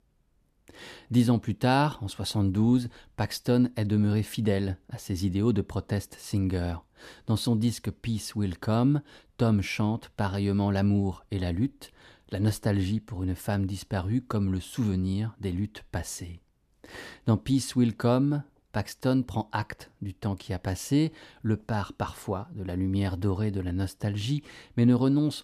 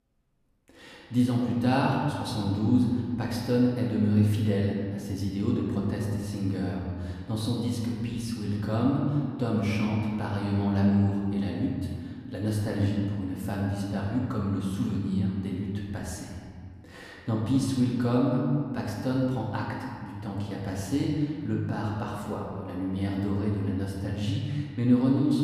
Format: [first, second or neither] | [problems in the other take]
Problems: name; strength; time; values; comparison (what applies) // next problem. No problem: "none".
first | room echo; noticeable; dies away in 1.9 s // off-mic speech; far